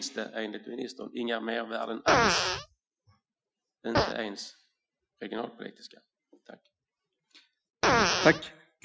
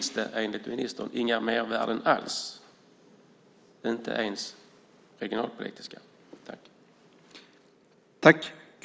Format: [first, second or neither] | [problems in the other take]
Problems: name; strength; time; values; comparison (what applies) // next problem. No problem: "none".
second | noise reduction (classical method Wiener filter)